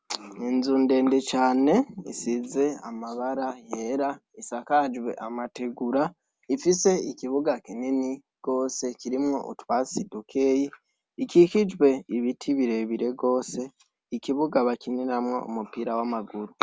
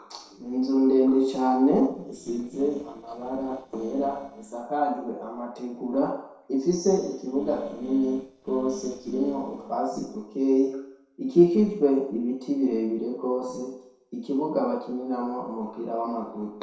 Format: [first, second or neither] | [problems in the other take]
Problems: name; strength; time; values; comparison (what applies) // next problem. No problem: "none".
first | noise reduction (neural separator model SepFormer DNS4)